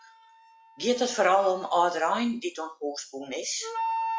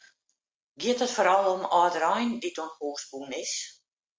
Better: second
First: noise reduction (classical method log-MMSE)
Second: none

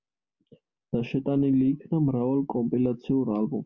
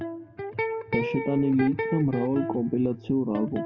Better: first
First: none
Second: background sound (Electric guitar); 6 dB below the speech

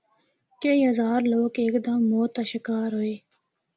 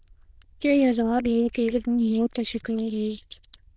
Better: first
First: none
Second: noise reduction (neural diffusion model UNIVERSE++)

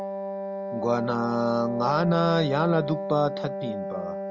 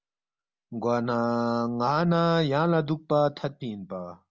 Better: second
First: background sound (Wind instrument, woodwind instrument); 6 dB below the speech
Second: none

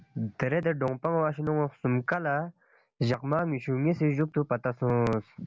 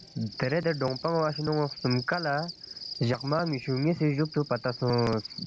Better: first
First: none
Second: background sound (Cricket); 14 dB below the speech

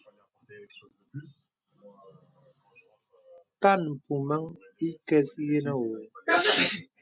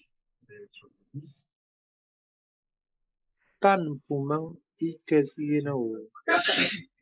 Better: first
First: none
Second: noise reduction (neural mask model Resemble Enhance denoiser)

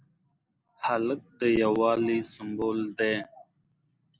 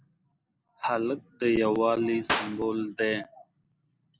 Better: first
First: none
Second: background sound (Clapping); 1 dB below the speech

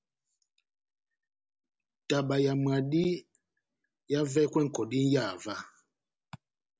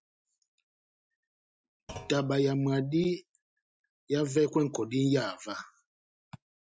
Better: first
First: none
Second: noise reduction (classical method Wiener filter)

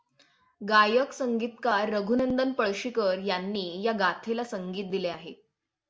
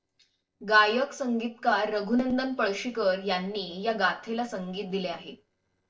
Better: first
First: none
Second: noise reduction (neural separator model SepFormer DNS4)

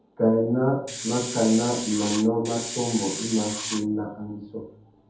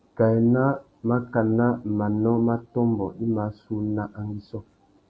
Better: second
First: background sound (Hiss); 8 dB below the speech // room echo; dies away in 0.7 s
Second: none

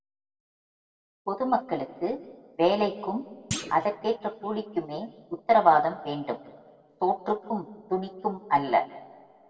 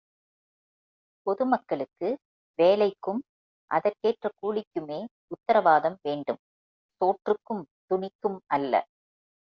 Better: second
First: background sound (Thump, thud); 11 dB below the speech // room echo; dies away in 1.2 s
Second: none

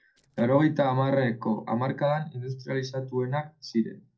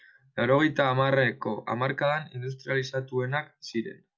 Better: second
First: noise reduction (neural separator model SepFormer DNS4)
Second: none

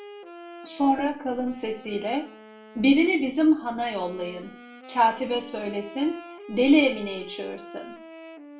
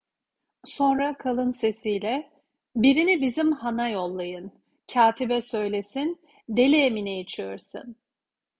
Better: second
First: background sound (Wind instrument, woodwind instrument); 18 dB below the speech // room echo; dies away in 0.3 s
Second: none

